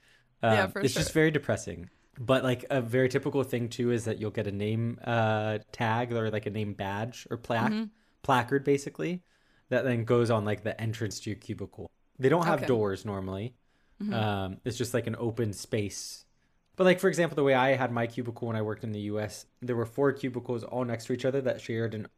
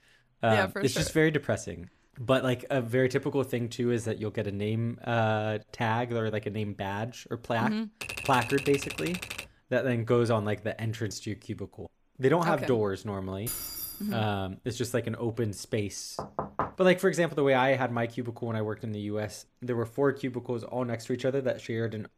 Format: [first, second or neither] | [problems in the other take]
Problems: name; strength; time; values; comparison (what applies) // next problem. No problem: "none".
first | keyboard typing; noticeable; from 8 to 9.5 s; peak 5 dB below the speech // jangling keys; noticeable; at 13 s; peak 4 dB below the speech // door banging; noticeable; at 16 s; peak 4 dB below the speech